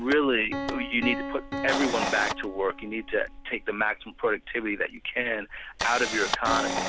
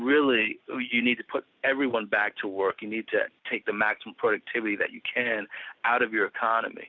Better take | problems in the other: second | background sound (Camera + Piano); 5 dB below the speech

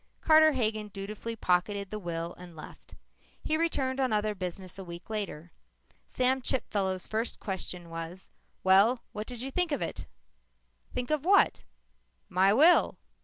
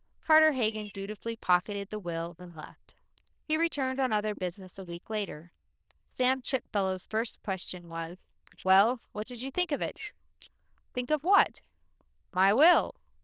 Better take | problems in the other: first | noise reduction (neural diffusion model UNIVERSE++)

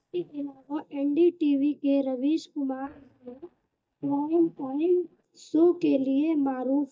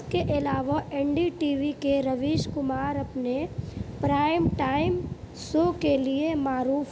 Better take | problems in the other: second | noise reduction (neural mask model DeepFilterNet 3)

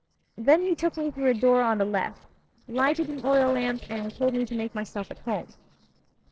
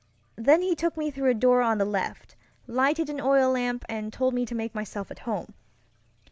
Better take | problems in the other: second | noise reduction (neural separator model SepFormer DNS4)

